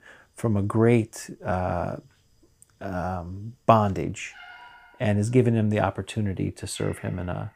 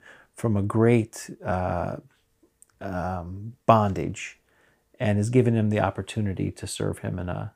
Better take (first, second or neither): second